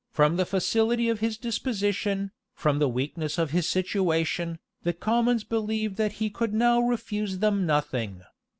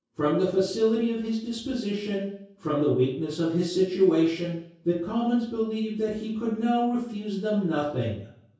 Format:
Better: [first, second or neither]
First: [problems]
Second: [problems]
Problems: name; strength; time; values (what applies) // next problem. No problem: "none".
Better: first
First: none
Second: room echo; dies away in 0.6 s